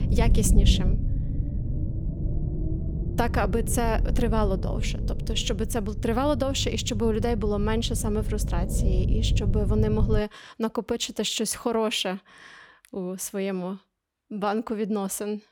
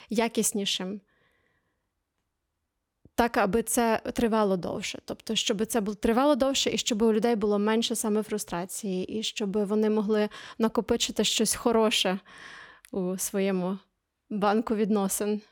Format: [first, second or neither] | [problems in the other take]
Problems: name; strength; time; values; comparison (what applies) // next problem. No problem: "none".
second | low rumble; noticeable; until 10 s; 10 dB below the speech